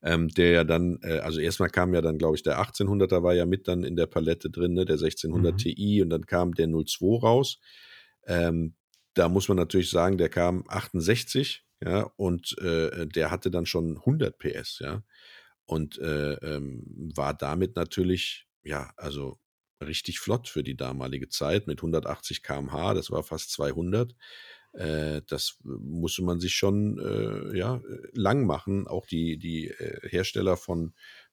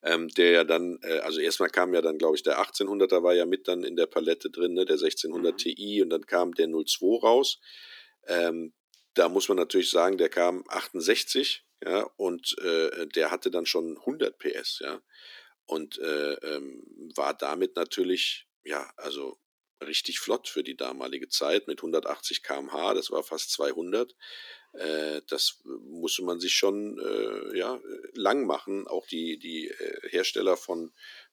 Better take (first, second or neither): first